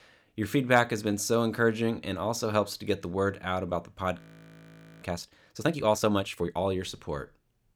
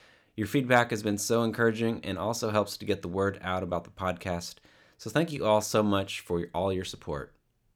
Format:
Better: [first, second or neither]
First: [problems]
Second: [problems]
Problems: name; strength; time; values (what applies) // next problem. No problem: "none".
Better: second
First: audio freezing; at 4 s for 1 s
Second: none